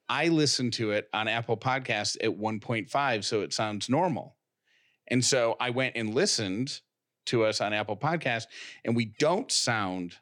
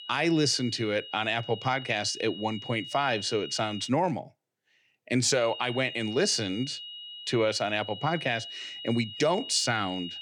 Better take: first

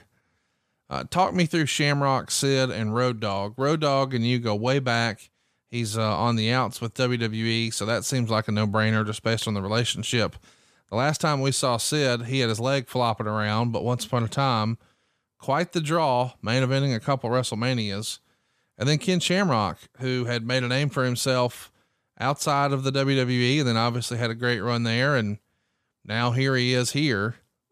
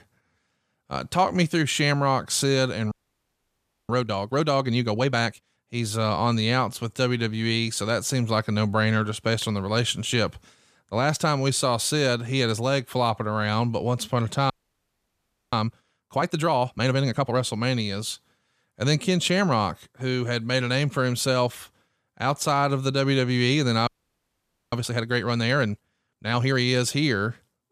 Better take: first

